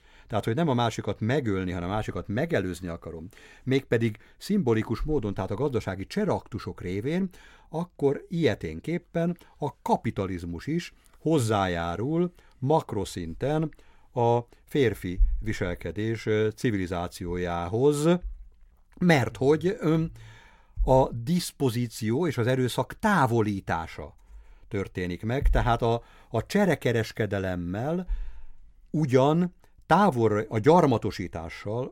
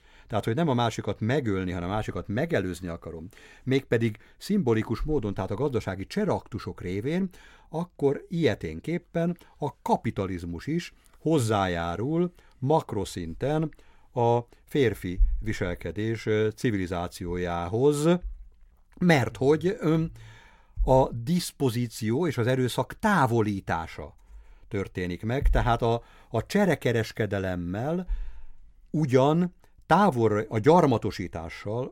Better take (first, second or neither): neither